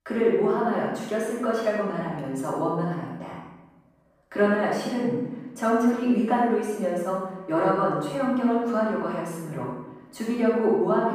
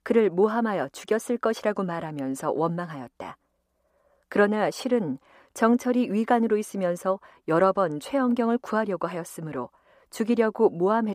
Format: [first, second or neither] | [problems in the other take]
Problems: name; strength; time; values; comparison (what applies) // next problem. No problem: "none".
second | off-mic speech; far // room echo; strong; dies away in 0.9 s